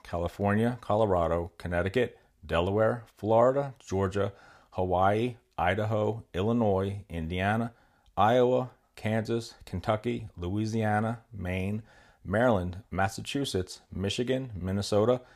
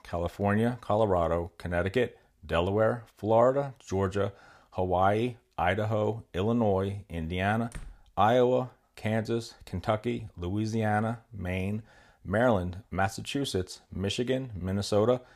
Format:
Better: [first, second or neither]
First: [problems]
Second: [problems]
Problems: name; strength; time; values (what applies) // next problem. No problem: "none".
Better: first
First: none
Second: door banging; faint; at 7.5 s; peak 20 dB below the speech